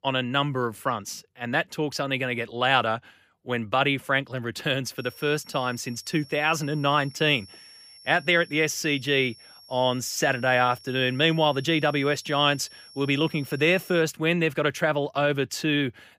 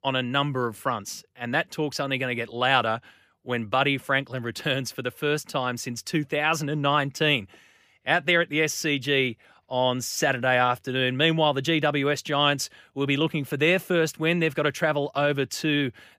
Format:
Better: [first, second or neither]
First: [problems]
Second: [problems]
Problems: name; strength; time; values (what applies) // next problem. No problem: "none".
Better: second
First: high-pitched whine; faint; from 5 to 14 s; 5.5 kHz, 20 dB below the speech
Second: none